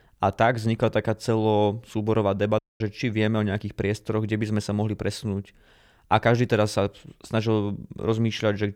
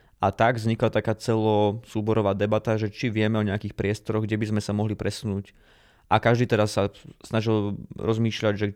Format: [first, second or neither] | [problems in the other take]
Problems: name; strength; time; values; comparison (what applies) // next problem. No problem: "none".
second | audio cutting out; at 2.5 s